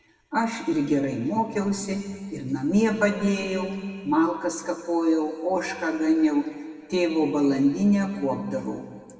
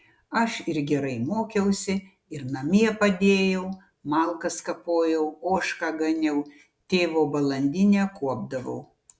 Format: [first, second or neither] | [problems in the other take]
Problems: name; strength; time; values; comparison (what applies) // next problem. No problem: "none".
second | room echo; dies away in 2.1 s